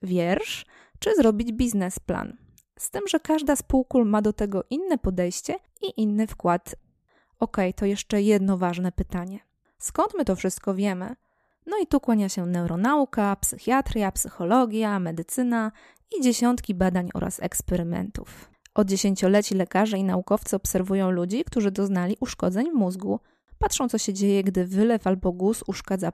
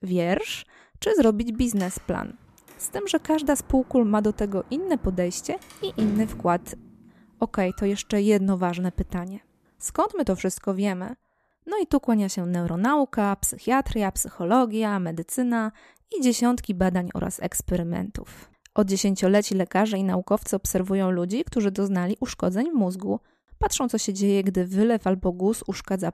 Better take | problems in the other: first | door banging; noticeable; from 2 to 7 s; peak 8 dB below the speech

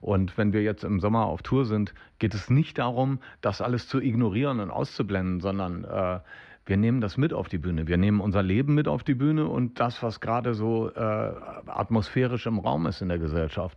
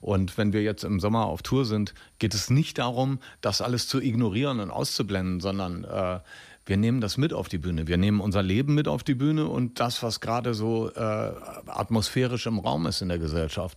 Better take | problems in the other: second | muffled; slightly; fading above 2 kHz

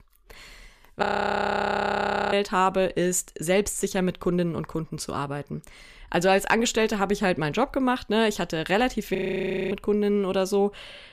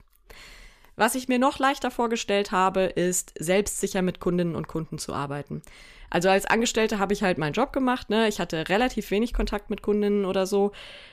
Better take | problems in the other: second | audio freezing; at 1 s for 1.5 s and at 9 s for 0.5 s

